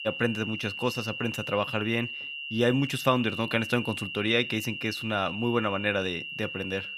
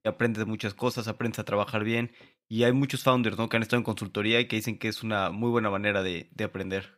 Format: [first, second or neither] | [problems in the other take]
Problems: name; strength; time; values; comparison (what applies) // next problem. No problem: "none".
second | high-pitched whine; loud; throughout; 3 kHz, 6 dB below the speech